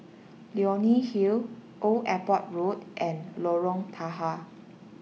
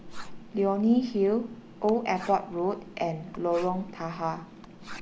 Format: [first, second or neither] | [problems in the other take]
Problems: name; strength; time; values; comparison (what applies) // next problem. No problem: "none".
first | background sound (Writing); 16 dB below the speech